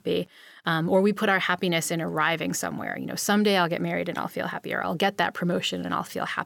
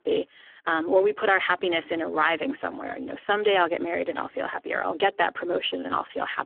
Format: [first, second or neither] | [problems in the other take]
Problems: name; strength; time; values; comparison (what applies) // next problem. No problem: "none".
first | phone-call audio; poor line